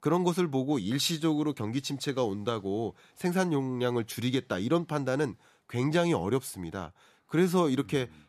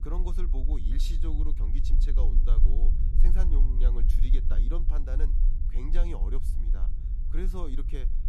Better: first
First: none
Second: low rumble; loud; throughout; 6 dB below the speech

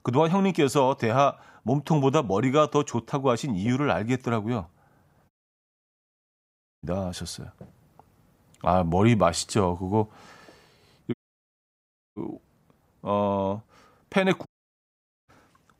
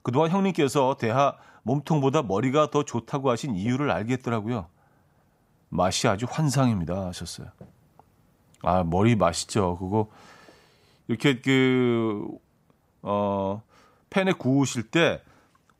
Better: second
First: audio cutting out; at 5.5 s for 1.5 s, at 11 s for 1 s and at 14 s for 1 s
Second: none

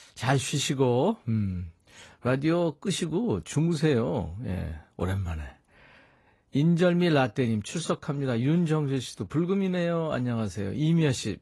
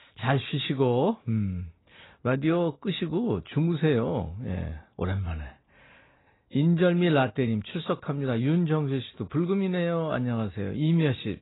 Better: first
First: garbled, watery; slightly; nothing above 11.5 kHz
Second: garbled, watery; badly; nothing above 4 kHz

